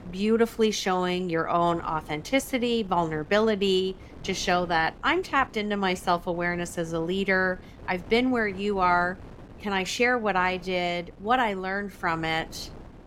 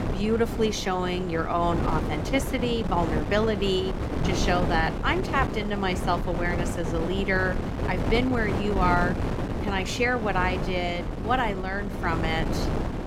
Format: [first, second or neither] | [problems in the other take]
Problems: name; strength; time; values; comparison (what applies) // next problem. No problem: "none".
first | wind noise on the microphone; heavy; 7 dB below the speech; occasional gusts in the first